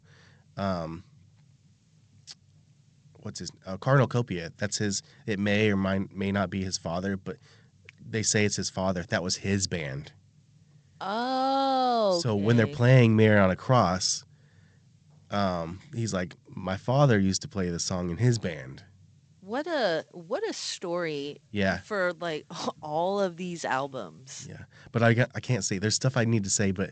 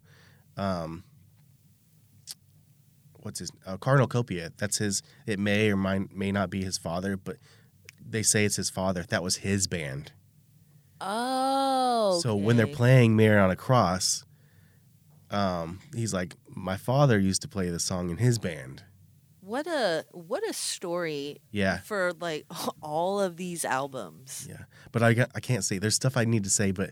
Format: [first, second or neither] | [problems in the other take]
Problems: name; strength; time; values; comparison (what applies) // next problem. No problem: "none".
second | garbled, watery; slightly; nothing above 7.5 kHz